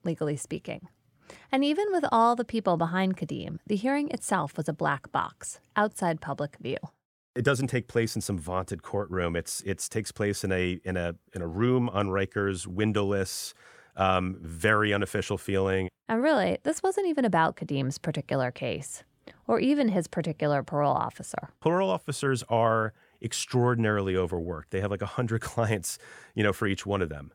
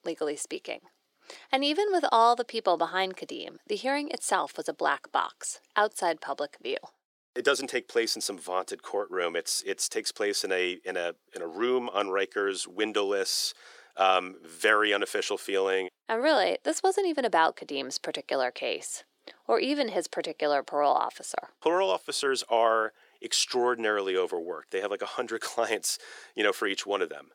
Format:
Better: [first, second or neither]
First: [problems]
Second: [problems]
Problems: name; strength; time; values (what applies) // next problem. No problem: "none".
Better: first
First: none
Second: thin; somewhat; fading below 350 Hz